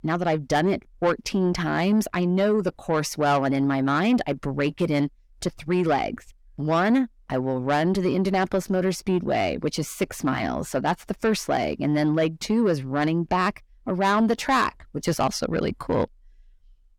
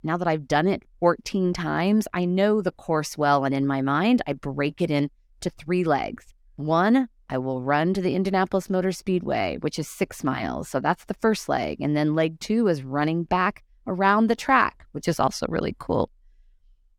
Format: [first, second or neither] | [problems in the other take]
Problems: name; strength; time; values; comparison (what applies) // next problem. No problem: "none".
second | distortion; slight; 10 dB below the speech